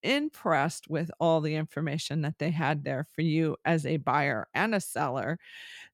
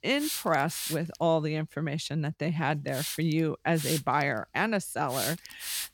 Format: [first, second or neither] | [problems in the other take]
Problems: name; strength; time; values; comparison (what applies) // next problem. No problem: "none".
first | hiss; loud; throughout; 5 dB below the speech